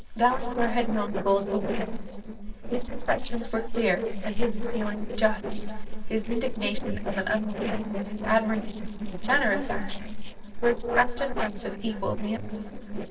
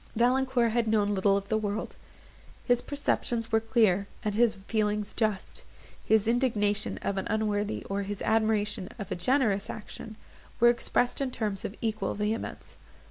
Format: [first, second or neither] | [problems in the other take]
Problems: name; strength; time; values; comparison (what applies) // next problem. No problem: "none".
second | noise reduction (neural separator model SepFormer DNS4)